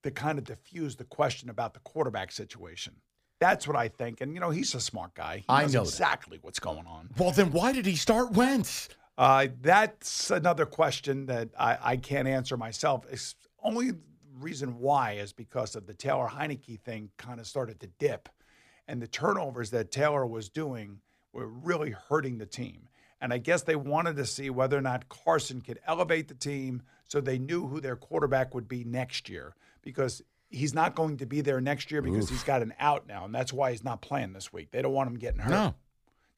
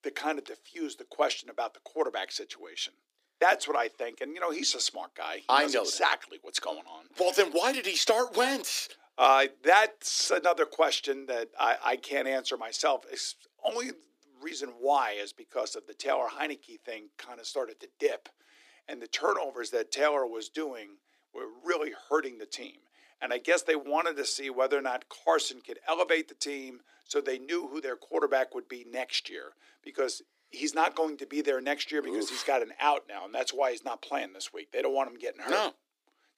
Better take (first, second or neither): first